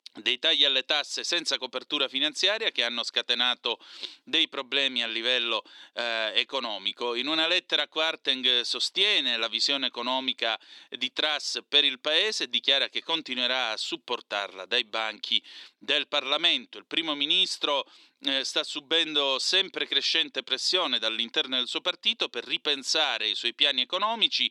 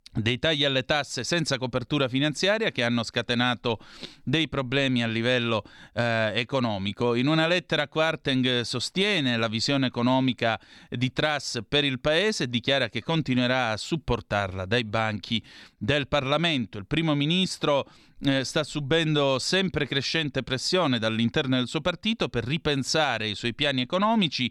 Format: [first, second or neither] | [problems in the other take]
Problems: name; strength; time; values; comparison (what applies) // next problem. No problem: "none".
second | thin; somewhat; fading below 350 Hz